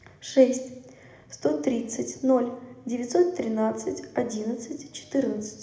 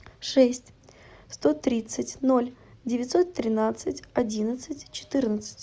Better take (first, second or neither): second